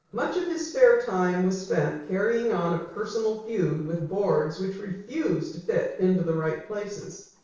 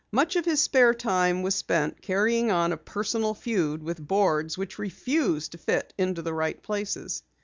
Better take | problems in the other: second | noise reduction (neural separator model SepFormer DNS4)

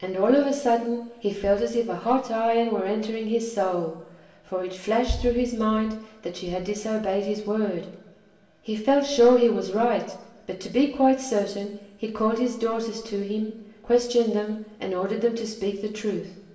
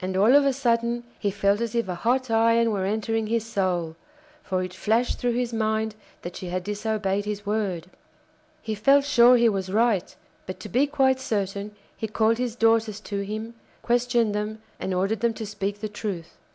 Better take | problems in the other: second | room echo; dies away in 0.9 s

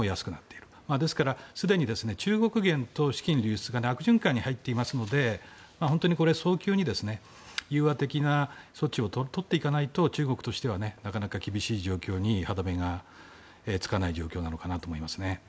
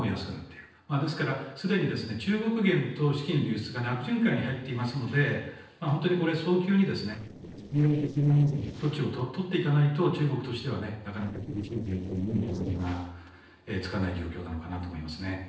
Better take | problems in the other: first | noise reduction (neural separator model SepFormer DNS4)

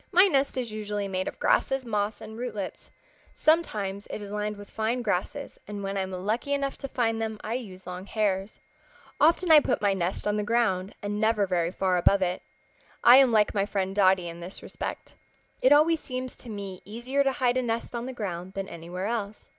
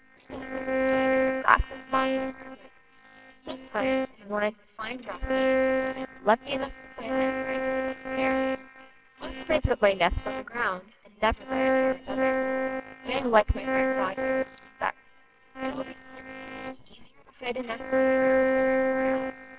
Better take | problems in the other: first | noise reduction (neural separator model SepFormer WHAMR!)

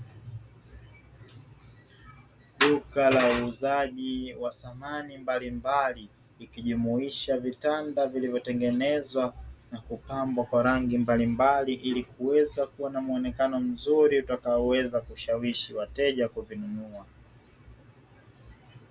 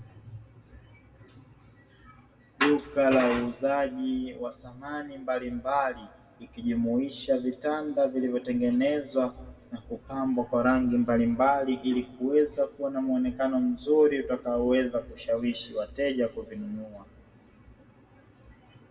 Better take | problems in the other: first | room echo; dies away in 1 s

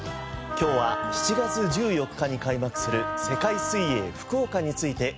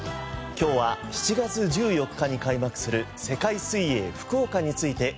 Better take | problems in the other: second | background sound (Wind instrument, woodwind instrument); 5 dB below the speech

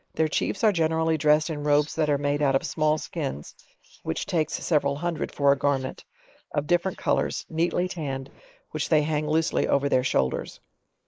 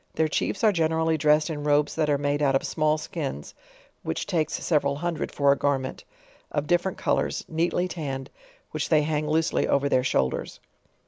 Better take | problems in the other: second | noise reduction (neural mask model Resemble Enhance denoiser)

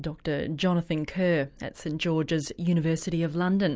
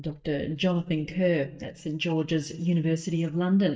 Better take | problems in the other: first | noise reduction (neural mask model DeepFilterNet 3)

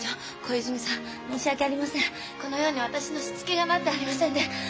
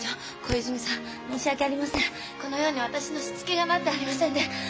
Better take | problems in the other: first | background sound (Fireworks); 13 dB below the speech

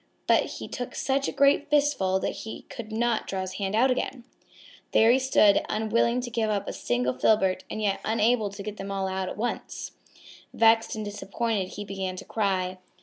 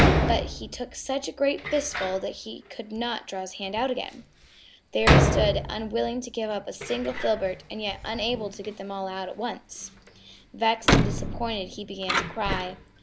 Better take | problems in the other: first | background sound (Door); 1 dB above the speech

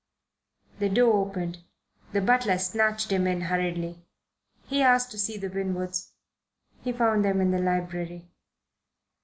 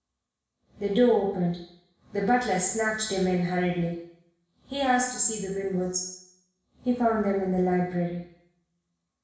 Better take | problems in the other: first | room echo; dies away in 0.7 s

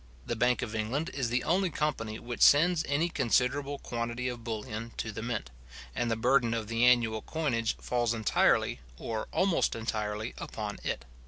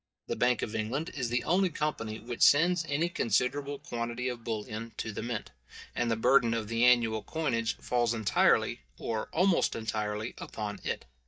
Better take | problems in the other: first | noise reduction (neural mask model DeepFilterNet 3)

